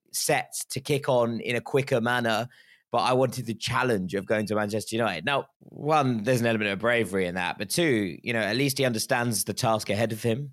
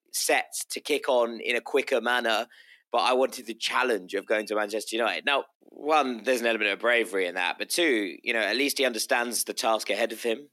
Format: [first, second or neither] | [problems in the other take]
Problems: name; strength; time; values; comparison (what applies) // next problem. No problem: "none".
first | thin; somewhat; fading below 250 Hz